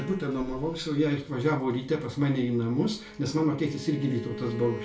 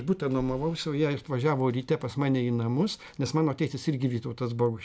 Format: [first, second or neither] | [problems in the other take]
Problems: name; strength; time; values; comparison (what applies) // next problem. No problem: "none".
second | background sound (Bowed string instrument); 15 dB below the speech // room echo; dies away in 0.4 s